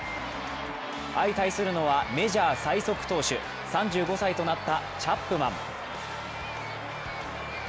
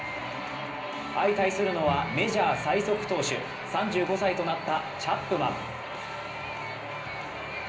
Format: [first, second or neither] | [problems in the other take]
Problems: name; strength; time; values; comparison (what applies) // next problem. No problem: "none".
first | background sound (Bowed string instrument); 14 dB below the speech // room echo; dies away in 0.5 s